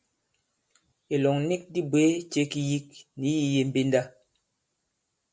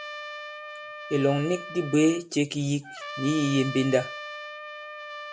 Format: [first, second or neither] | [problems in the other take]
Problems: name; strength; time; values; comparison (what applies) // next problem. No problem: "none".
first | background sound (Trumpet); 11 dB below the speech